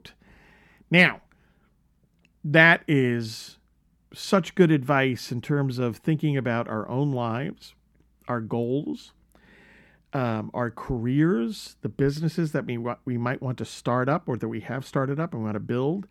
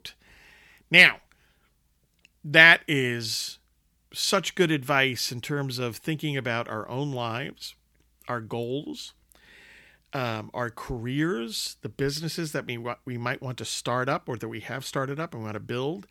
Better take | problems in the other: second | muffled; slightly; fading above 2 kHz

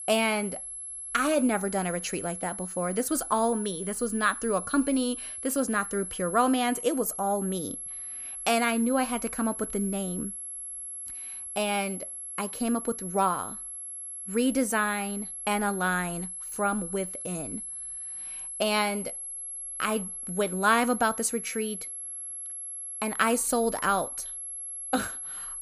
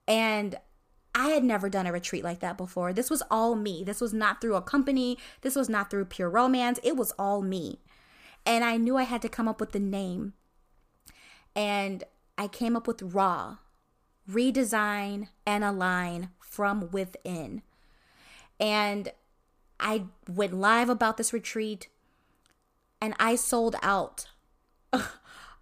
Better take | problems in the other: second | high-pitched whine; loud; throughout; 11 kHz, 7 dB below the speech

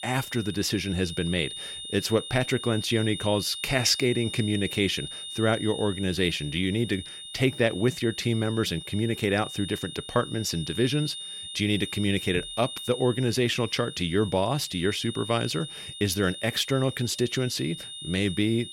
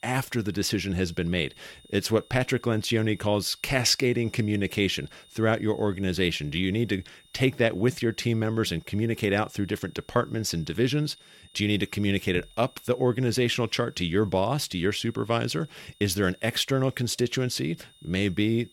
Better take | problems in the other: second | high-pitched whine; loud; throughout; 3.5 kHz, 9 dB below the speech; faint in the second

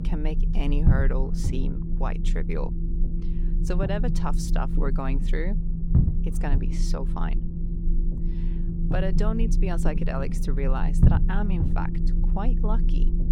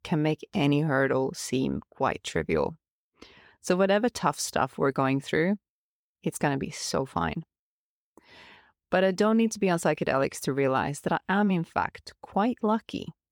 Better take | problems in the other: second | low rumble; loud; throughout; 5 dB below the speech

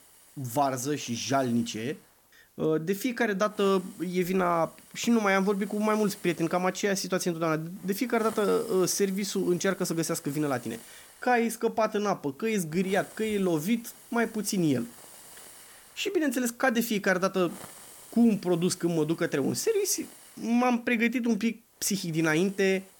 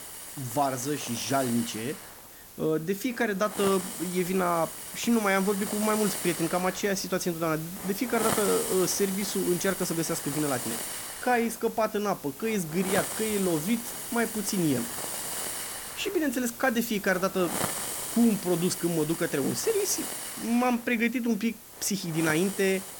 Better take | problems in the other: first | hiss; loud; throughout; 6 dB below the speech; faint in the first

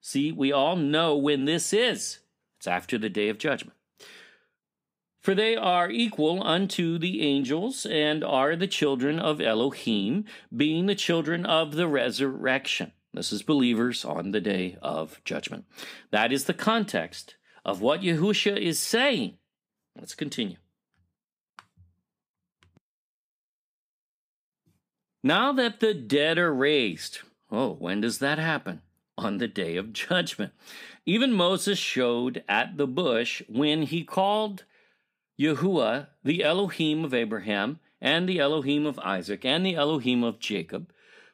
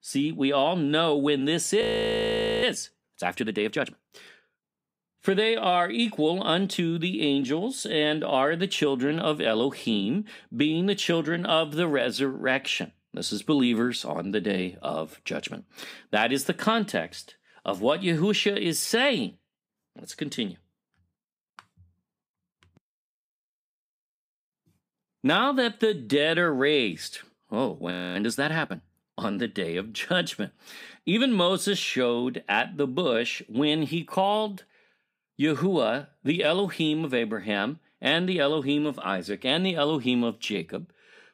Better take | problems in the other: first | audio freezing; at 2 s for 1 s and at 28 s

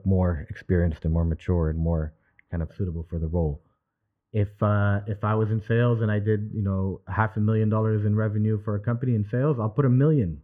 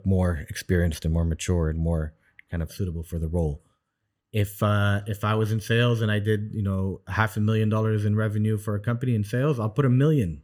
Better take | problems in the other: second | muffled; very; fading above 3.5 kHz

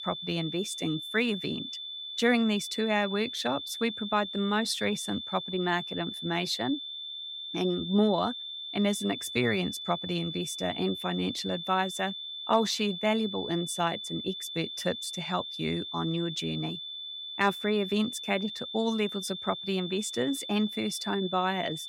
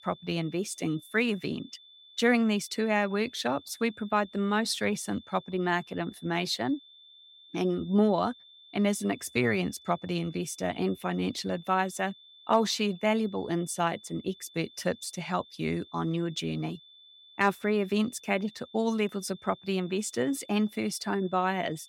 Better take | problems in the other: second | high-pitched whine; loud; throughout; 3.5 kHz, 6 dB below the speech; faint in the second

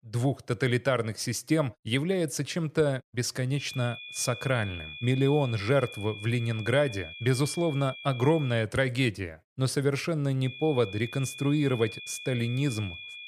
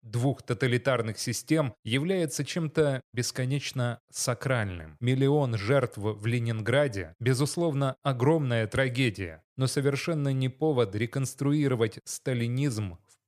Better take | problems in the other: second | high-pitched whine; noticeable; from 3.5 to 8.5 s and from 10 s on; 2.5 kHz, 10 dB below the speech

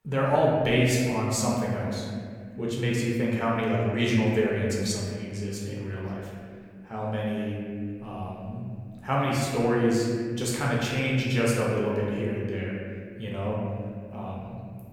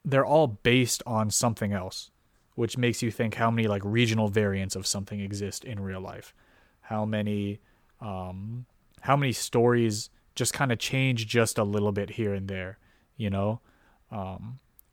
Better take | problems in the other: second | room echo; noticeable; dies away in 2.1 s // off-mic speech; far

